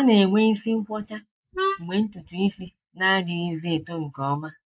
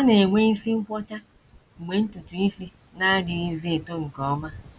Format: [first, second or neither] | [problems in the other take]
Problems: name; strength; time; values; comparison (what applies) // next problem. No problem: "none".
second | noise reduction (neural mask model Resemble Enhance denoiser)